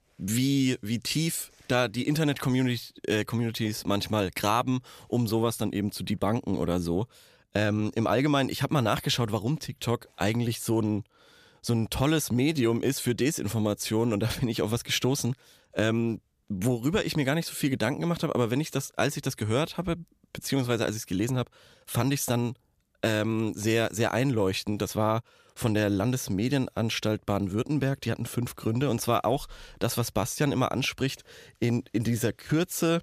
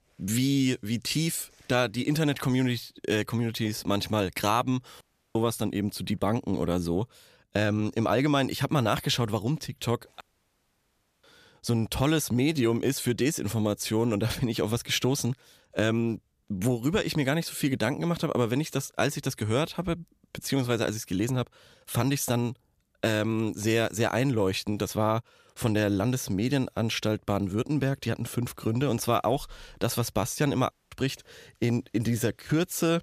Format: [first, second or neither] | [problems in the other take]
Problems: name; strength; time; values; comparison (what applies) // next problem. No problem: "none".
first | audio cutting out; at 5 s, at 10 s for 1 s and at 31 s